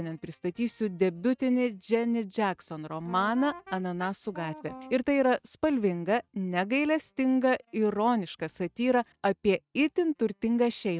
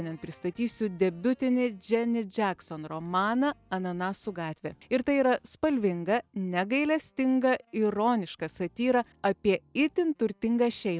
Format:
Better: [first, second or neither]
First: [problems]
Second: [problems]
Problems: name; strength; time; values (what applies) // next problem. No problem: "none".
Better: second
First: noise reduction (neural mask model RNNoise)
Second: none